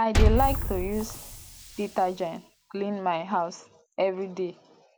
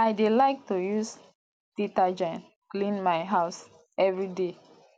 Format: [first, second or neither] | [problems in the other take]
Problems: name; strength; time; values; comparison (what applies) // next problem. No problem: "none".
second | background sound (Liquid); 1 dB above the speech